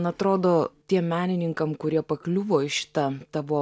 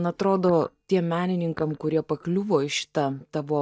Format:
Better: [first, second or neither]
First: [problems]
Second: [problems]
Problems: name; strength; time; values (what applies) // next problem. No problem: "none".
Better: first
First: none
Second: noise reduction (neural mask model DeepFilterNet 3)